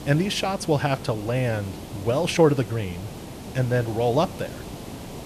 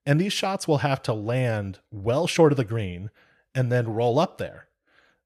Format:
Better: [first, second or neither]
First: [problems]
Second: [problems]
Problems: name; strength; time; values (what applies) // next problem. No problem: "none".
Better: second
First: hiss; noticeable; throughout; 15 dB below the speech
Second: none